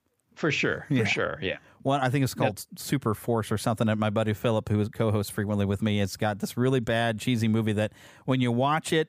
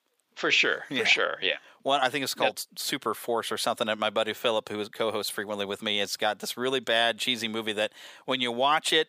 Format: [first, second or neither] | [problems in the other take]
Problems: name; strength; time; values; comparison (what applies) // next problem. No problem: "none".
first | thin; somewhat; fading below 450 Hz